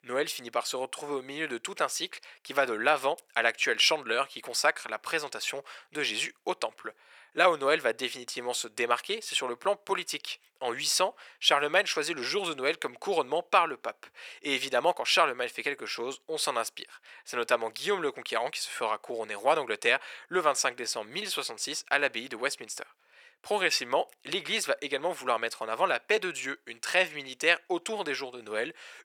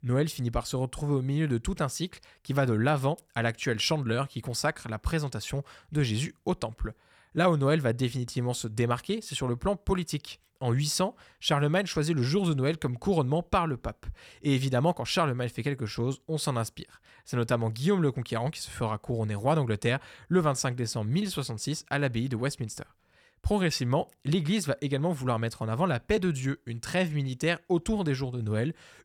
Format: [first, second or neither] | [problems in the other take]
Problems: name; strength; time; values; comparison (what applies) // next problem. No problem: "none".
second | thin; very; fading below 450 Hz